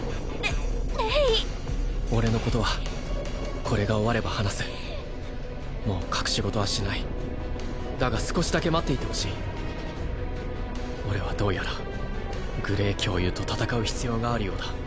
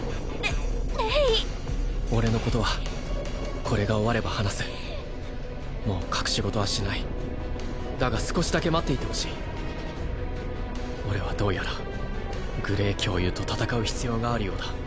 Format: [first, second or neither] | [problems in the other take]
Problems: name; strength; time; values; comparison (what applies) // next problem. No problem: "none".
second | background sound (Bowed string instrument); 18 dB below the speech